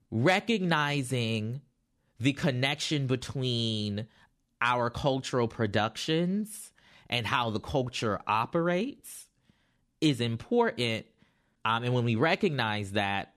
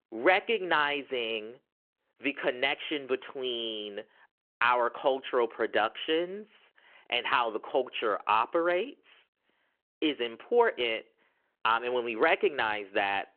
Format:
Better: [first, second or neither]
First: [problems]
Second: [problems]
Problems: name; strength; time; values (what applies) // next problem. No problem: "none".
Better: first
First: none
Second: phone-call audio